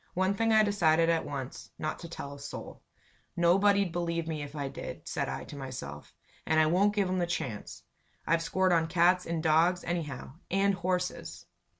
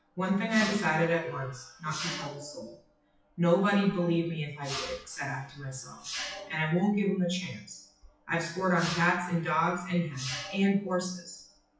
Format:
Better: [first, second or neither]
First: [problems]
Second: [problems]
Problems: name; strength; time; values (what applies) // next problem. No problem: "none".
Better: first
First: none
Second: noise reduction (classical method WPE with log-MMSE)